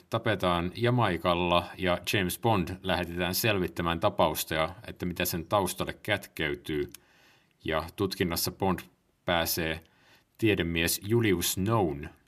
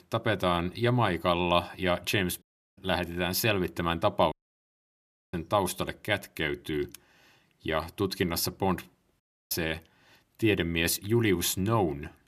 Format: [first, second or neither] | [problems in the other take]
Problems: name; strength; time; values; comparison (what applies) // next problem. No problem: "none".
first | audio cutting out; at 2.5 s, at 4.5 s for 1 s and at 9 s